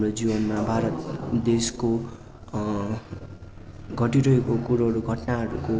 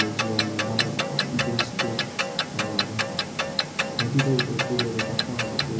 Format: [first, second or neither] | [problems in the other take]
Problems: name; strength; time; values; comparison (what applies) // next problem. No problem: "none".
first | background sound (Clock); 2 dB above the speech // room echo; dies away in 0.5 s